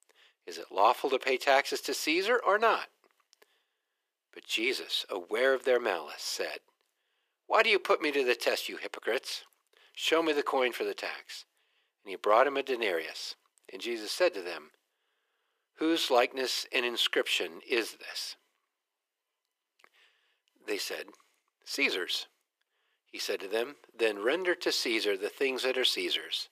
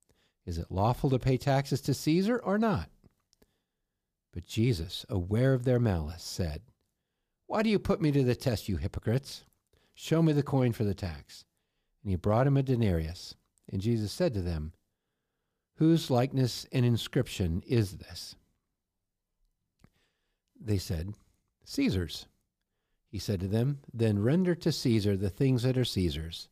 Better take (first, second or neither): second